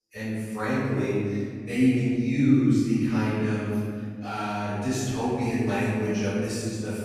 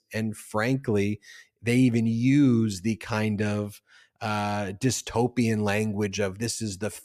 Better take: second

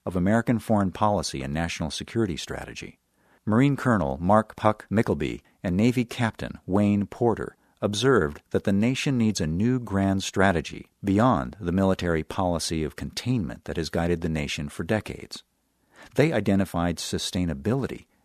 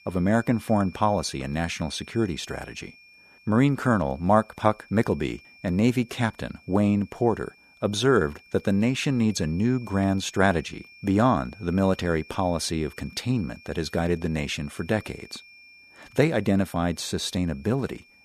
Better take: first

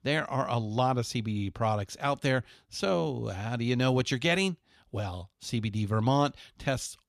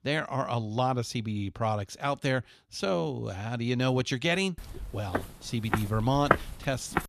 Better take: first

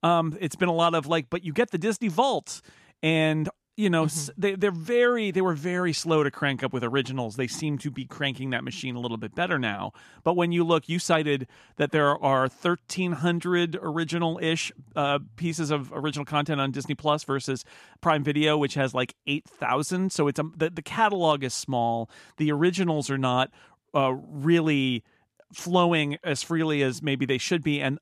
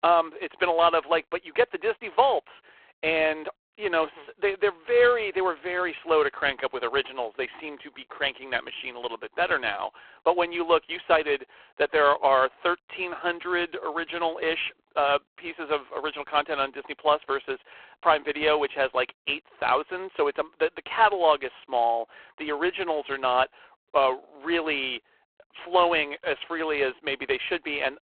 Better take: first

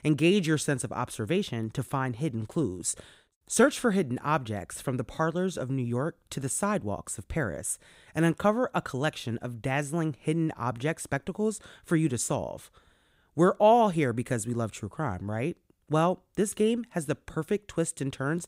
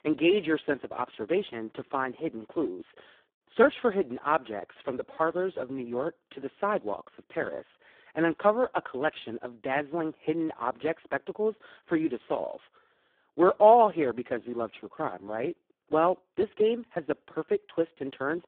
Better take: first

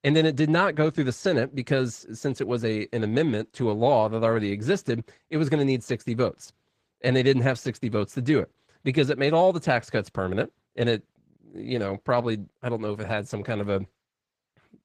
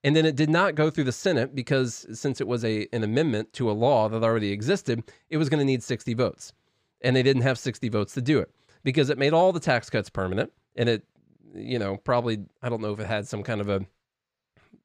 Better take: second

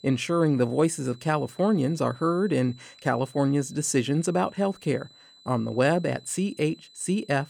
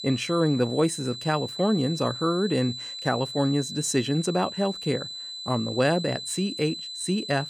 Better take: first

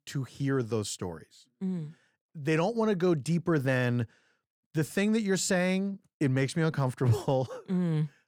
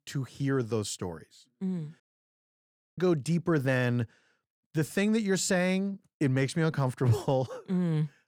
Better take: first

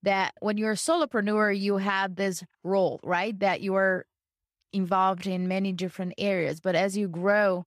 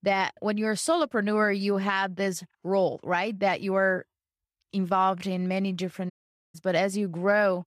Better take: first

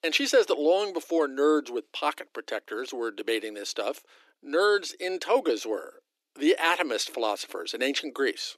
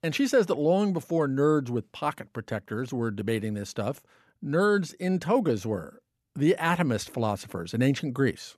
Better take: second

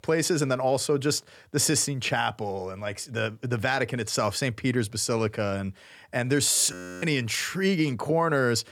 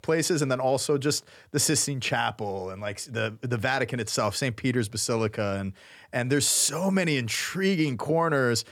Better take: second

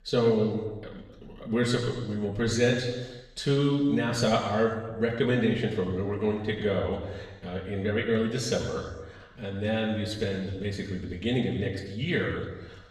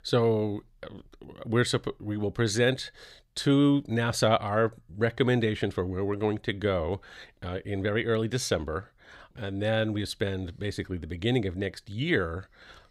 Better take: second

